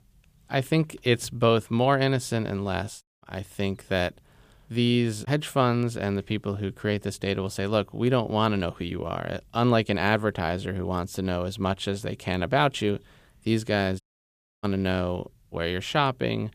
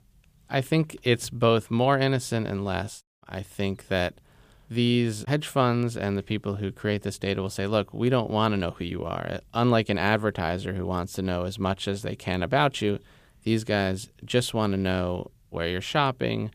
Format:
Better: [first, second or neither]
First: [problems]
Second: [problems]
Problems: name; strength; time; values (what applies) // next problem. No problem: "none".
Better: second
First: audio cutting out; at 14 s for 0.5 s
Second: none